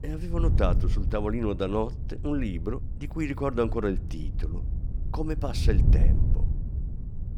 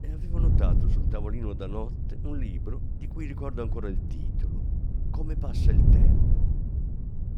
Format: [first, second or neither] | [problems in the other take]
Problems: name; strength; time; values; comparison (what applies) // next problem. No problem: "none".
first | wind noise on the microphone; heavy; 1 dB below the speech; occasional gusts in the first